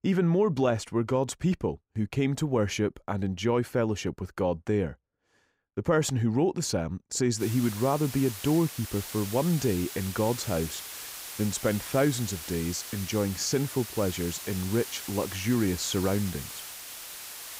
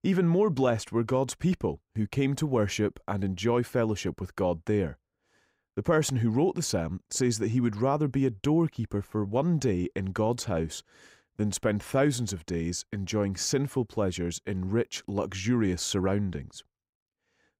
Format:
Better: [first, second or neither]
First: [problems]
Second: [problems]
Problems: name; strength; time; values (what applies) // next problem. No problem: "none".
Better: second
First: hiss; loud; from 7.5 s on; 9 dB below the speech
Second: none